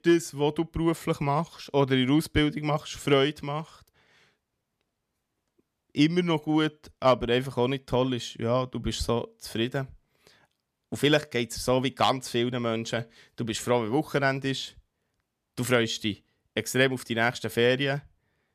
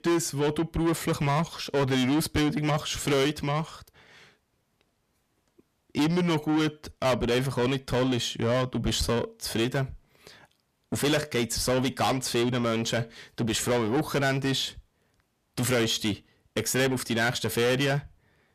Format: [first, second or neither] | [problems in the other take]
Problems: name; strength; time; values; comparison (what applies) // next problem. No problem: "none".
first | distortion; heavy; 6 dB below the speech